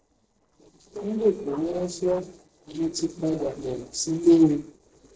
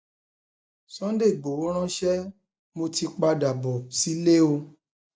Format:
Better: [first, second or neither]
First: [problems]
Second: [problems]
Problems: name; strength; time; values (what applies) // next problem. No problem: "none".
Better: second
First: noise reduction (neural separator model SepFormer DNS4)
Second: none